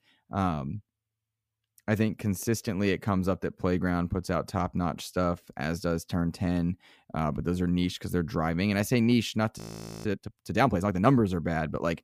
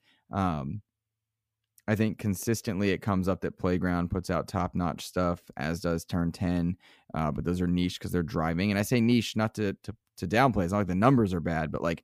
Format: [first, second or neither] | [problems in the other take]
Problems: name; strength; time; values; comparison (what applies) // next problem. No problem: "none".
second | audio freezing; at 9.5 s